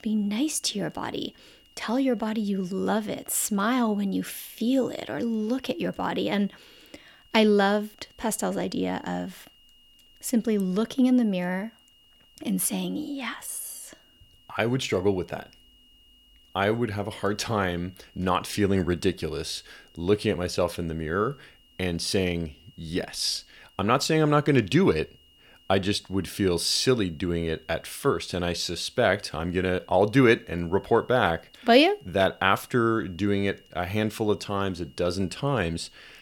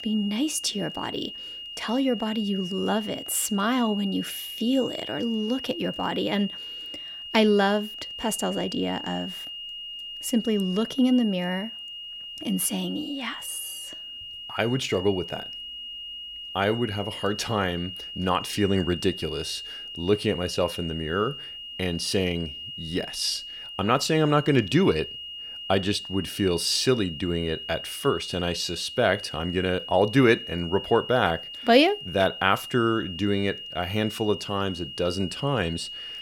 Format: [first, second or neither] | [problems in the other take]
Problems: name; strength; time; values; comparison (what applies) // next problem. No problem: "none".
first | high-pitched whine; loud; throughout; 3 kHz, 9 dB below the speech; faint in the first